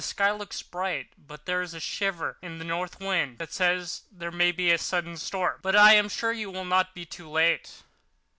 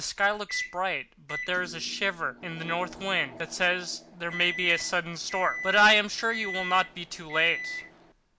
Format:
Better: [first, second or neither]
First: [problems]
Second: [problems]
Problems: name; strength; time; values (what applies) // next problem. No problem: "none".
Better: first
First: none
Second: background sound (Microwave oven); 11 dB below the speech